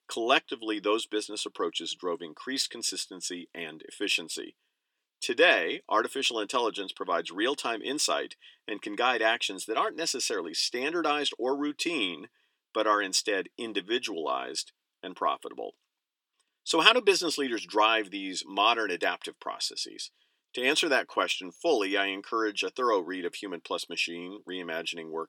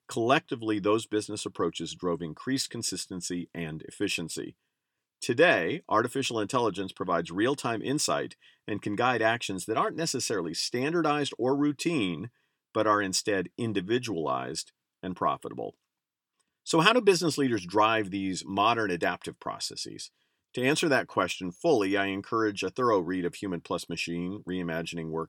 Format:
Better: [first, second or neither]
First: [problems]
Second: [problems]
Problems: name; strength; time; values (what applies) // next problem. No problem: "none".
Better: second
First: thin; very slightly; fading below 300 Hz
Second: none